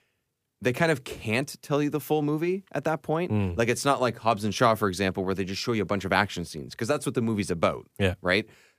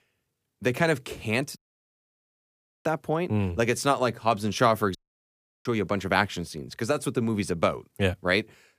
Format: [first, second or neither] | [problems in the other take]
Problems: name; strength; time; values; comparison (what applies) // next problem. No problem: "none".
first | audio cutting out; at 1.5 s for 1.5 s and at 5 s for 0.5 s